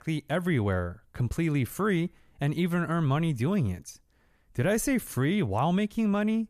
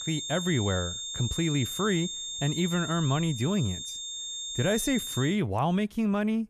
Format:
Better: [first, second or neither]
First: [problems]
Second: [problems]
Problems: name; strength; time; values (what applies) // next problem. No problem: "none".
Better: first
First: none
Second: high-pitched whine; loud; until 5.5 s; 3.5 kHz, 5 dB below the speech